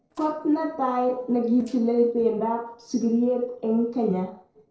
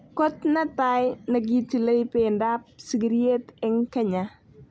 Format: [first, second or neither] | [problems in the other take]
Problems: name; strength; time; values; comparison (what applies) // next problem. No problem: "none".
second | noise reduction (neural separator model SepFormer DNS4)